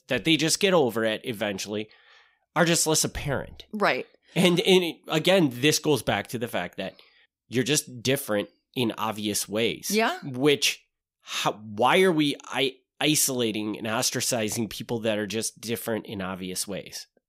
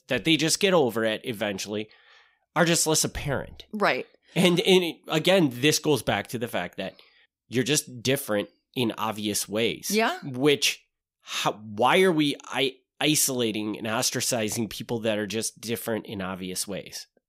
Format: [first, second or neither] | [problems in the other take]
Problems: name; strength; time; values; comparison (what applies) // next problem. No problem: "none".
neither | none